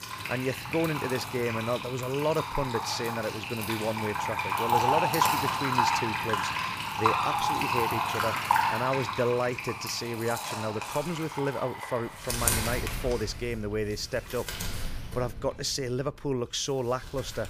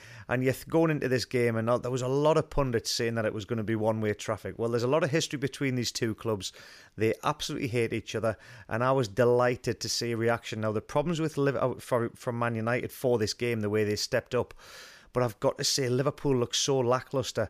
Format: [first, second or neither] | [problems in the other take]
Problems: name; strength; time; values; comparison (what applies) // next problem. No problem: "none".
second | household noises; very loud; throughout; 2 dB above the speech